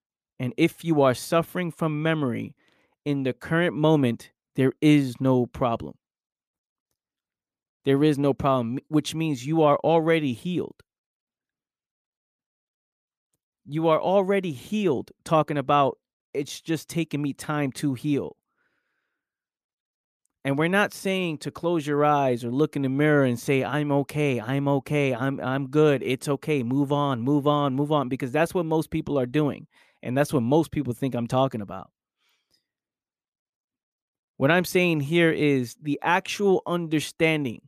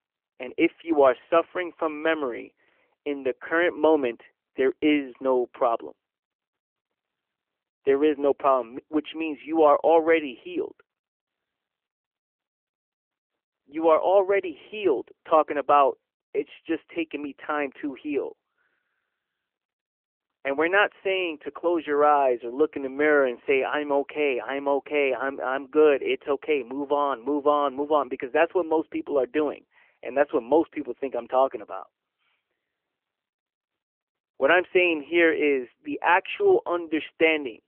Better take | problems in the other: first | phone-call audio; nothing above 3 kHz

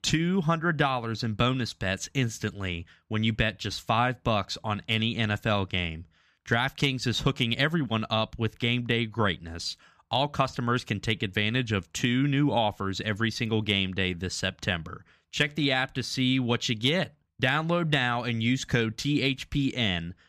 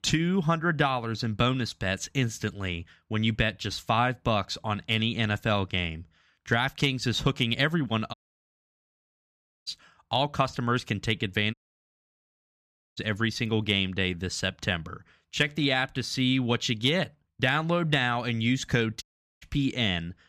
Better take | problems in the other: first | audio cutting out; at 8 s for 1.5 s, at 12 s for 1.5 s and at 19 s

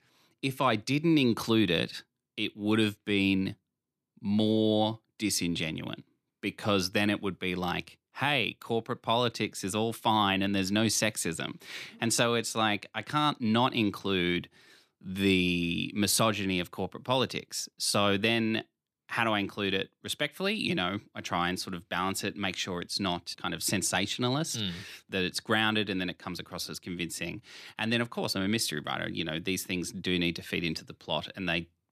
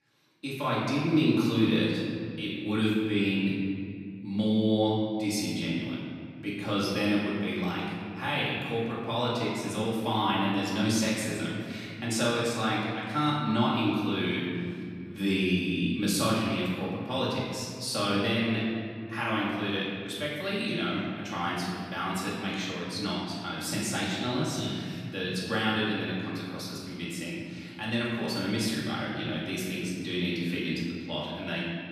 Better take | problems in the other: first | room echo; strong; dies away in 2.4 s // off-mic speech; far

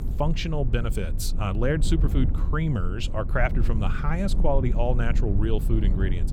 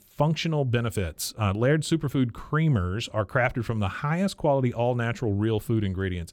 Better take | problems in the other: second | low rumble; noticeable; throughout; 10 dB below the speech

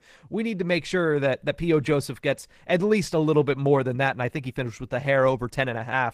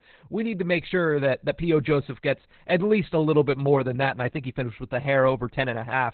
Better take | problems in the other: first | garbled, watery; badly; nothing above 4 kHz; slightly in the first

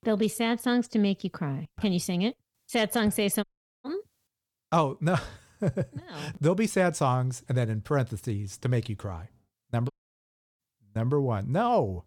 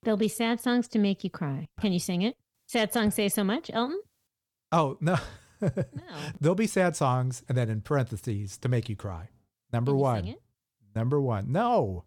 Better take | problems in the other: second | audio cutting out; at 3.5 s and at 10 s for 0.5 s

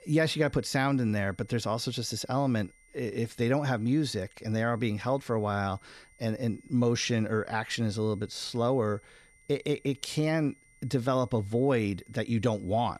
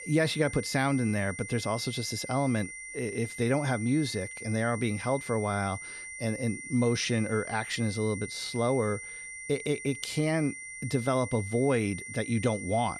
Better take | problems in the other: first | high-pitched whine; loud; throughout; 2 kHz, 9 dB below the speech; faint in the first

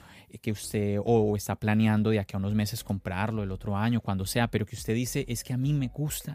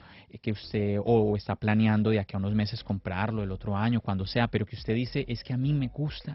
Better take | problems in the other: first | garbled, watery; badly; nothing above 5.5 kHz

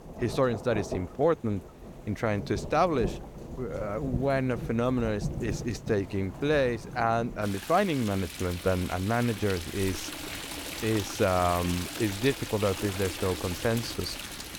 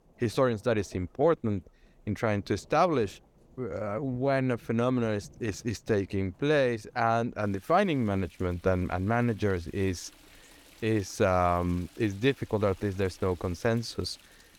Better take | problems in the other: second | rain or running water; loud; throughout; 9 dB below the speech; faint in the second

